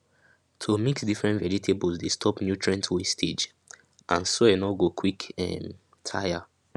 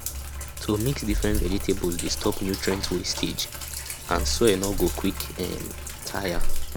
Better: first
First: none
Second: background sound (Sink (filling or washing)); 1 dB below the speech

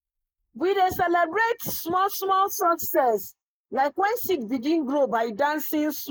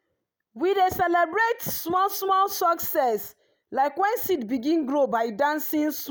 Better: second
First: noise reduction (neural mask model Resemble Enhance denoiser)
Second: none

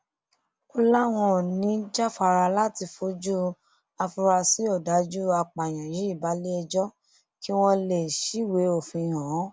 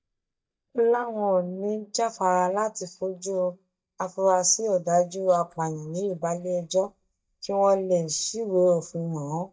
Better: first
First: none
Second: noise reduction (neural mask model DeepFilterNet 3)

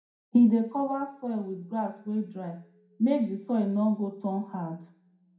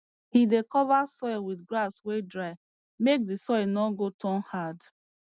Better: second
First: room echo; dies away in 0.5 s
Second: none

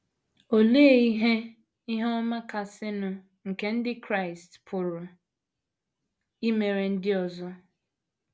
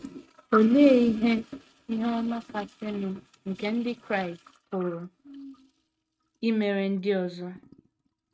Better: first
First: none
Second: noise reduction (neural mask model RNNoise)

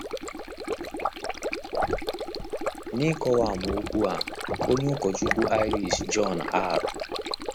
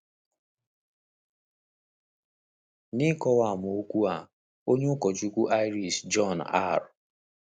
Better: second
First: background sound (Stream); 2 dB below the speech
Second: none

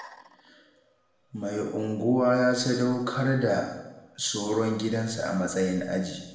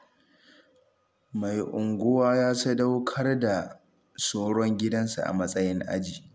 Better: second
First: room echo; dies away in 0.9 s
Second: none

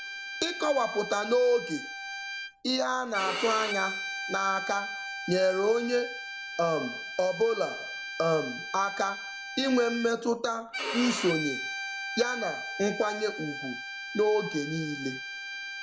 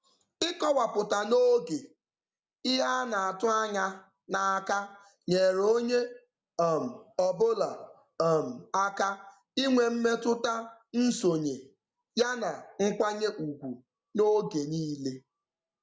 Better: second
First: background sound (Bowed string instrument); 7 dB below the speech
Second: none

